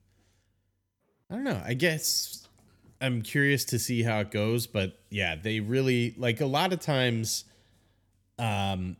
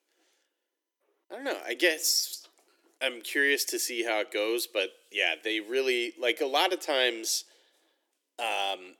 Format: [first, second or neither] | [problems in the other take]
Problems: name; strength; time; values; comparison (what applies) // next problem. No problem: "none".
first | thin; very; fading below 300 Hz